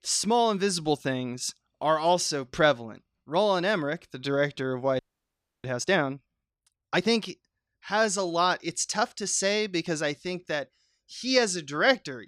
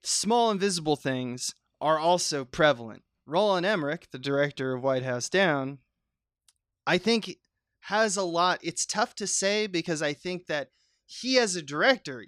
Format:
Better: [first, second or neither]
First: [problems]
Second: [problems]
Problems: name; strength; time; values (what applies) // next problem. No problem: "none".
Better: second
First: audio freezing; at 5 s for 0.5 s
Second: none